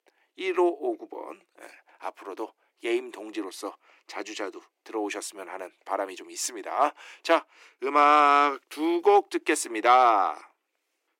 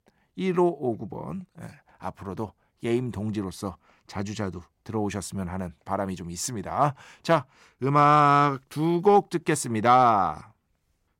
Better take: second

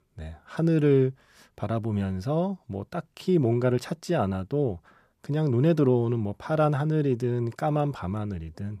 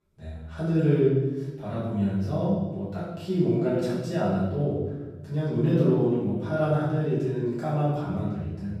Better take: first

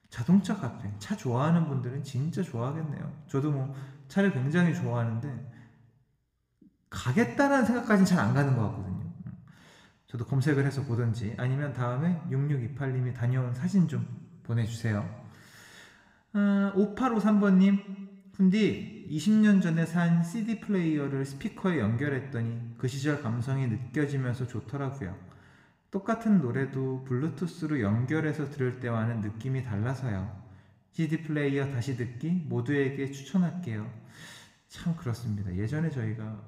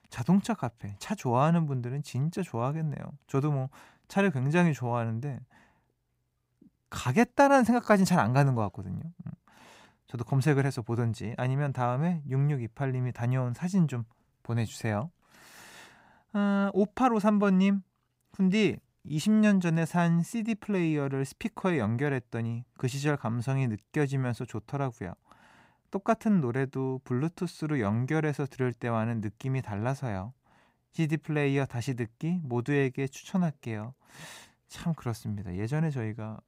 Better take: second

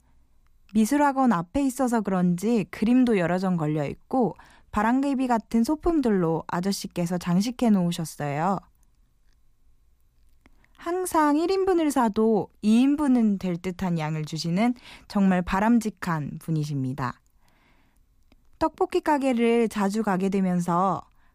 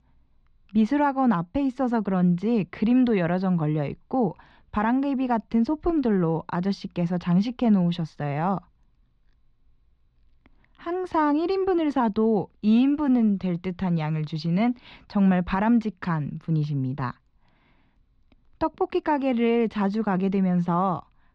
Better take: first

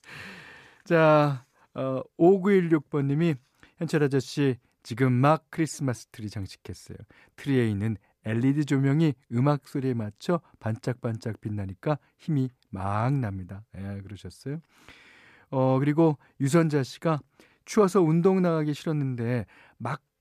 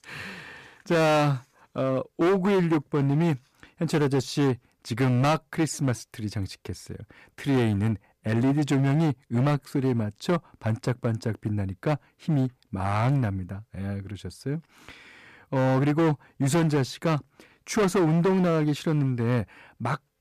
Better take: first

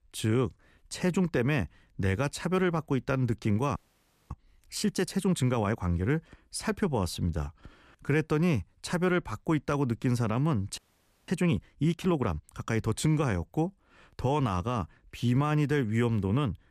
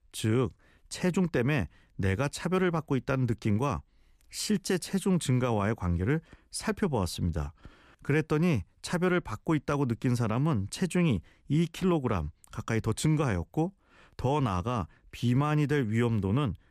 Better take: second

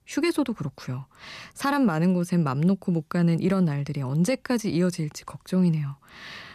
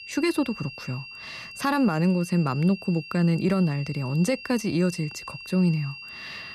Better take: first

